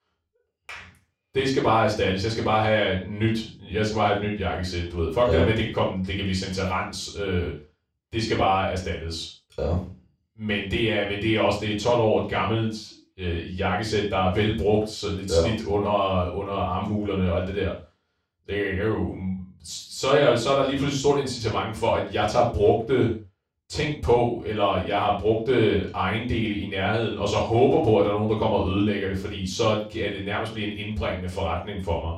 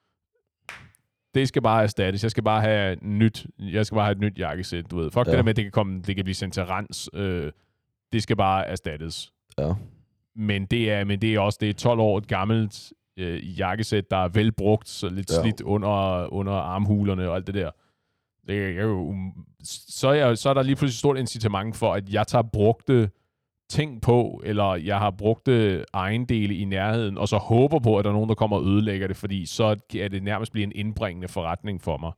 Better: second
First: room echo; noticeable; dies away in 0.3 s // off-mic speech; far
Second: none

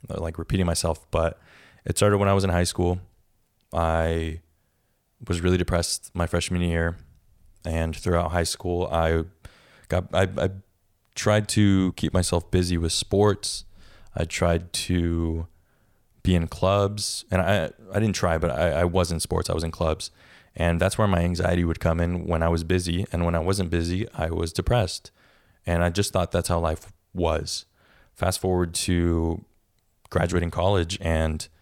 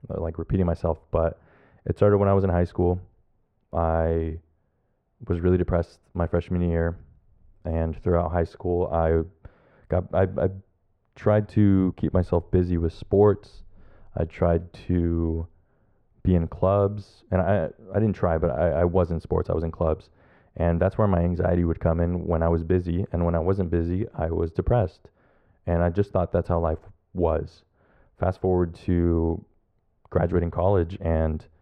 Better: first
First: none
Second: muffled; very; fading above 3.5 kHz

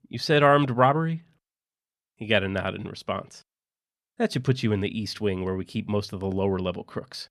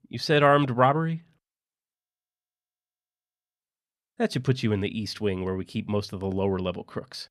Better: first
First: none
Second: audio freezing; at 2 s for 1.5 s

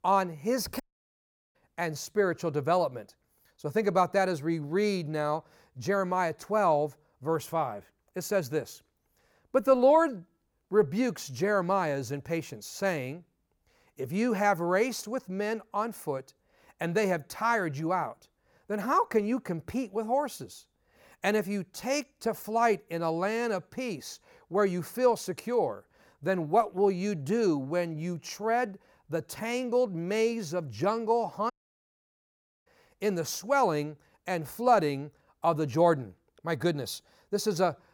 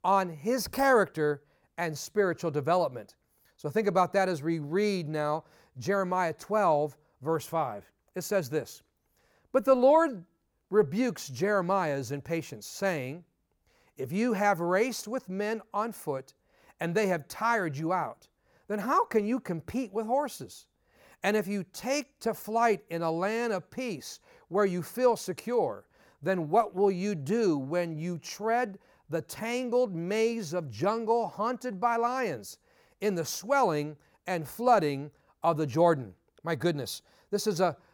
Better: second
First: audio cutting out; at 1 s for 1 s and at 32 s for 1 s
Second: none

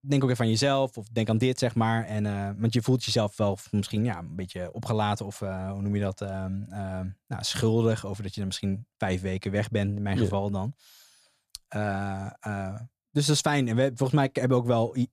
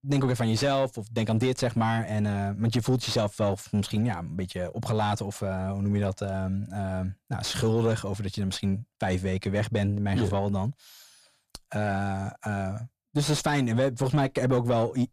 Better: first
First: none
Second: distortion; slight; 9 dB below the speech

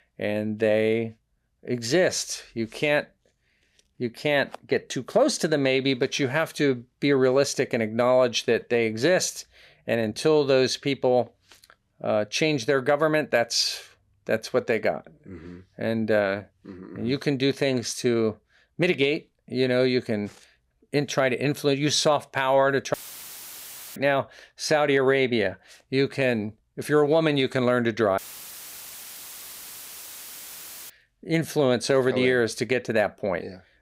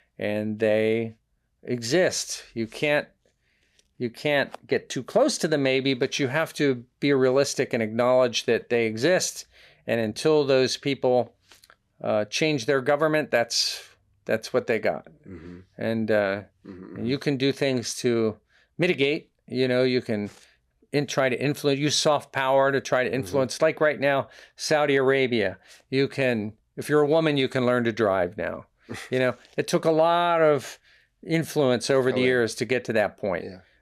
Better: second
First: audio cutting out; filled with static; at 23 s for 1 s and at 28 s for 2.5 s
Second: none

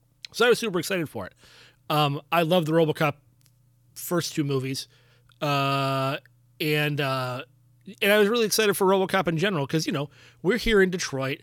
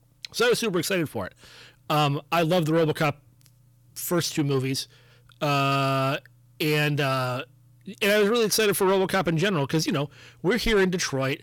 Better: first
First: none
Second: distortion; slight; 10 dB below the speech

